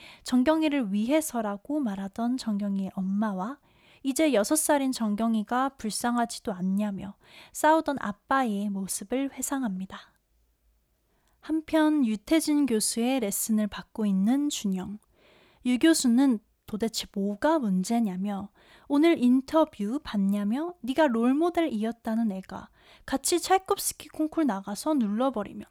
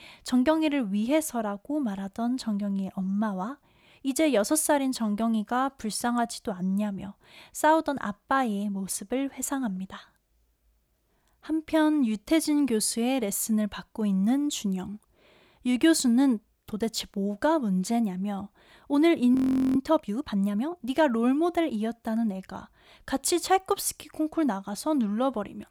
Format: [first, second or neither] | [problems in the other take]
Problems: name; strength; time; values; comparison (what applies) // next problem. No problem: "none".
first | audio freezing; at 19 s